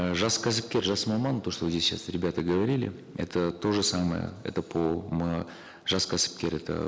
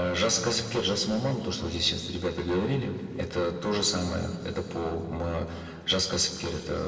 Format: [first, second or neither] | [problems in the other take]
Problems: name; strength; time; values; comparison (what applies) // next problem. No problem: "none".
first | room echo; dies away in 2.7 s